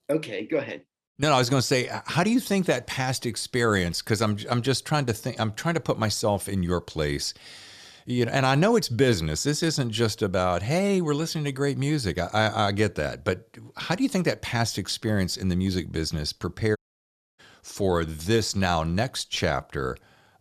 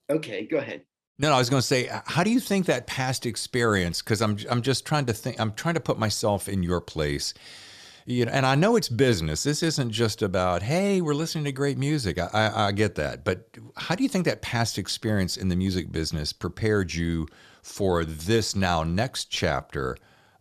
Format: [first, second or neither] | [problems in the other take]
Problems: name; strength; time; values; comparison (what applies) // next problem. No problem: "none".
second | audio cutting out; at 17 s for 0.5 s